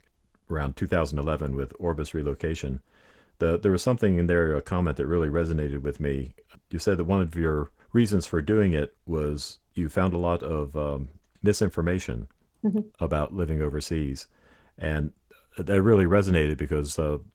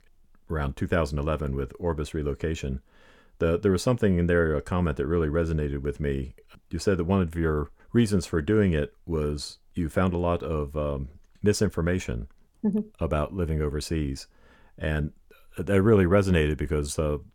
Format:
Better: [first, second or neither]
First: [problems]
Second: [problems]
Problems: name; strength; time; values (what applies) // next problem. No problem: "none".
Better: second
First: garbled, watery; slightly; nothing above 17 kHz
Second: none